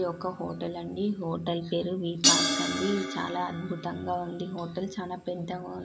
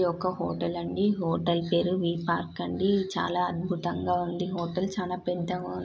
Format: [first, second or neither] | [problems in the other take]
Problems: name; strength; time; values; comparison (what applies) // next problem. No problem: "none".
second | background sound (Crash cymbal); 1 dB below the speech